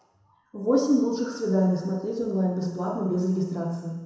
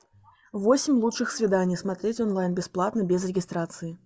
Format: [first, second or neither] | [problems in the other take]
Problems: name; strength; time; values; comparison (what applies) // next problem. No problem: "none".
second | room echo; dies away in 1 s